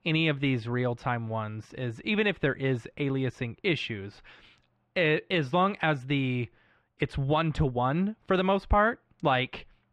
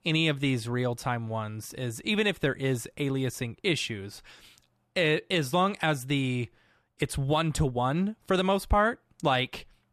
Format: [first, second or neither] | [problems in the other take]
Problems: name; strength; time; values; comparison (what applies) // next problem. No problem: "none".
second | muffled; slightly; fading above 2.5 kHz